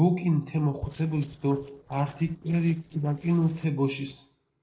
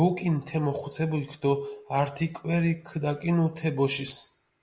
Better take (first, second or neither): second